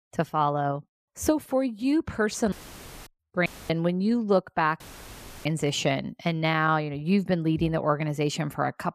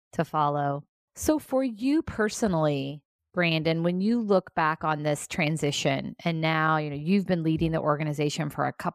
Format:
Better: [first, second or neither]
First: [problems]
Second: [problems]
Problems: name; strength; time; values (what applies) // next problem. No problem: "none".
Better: second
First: audio cutting out; filled with static; at 2.5 s for 0.5 s, at 3.5 s and at 5 s for 0.5 s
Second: none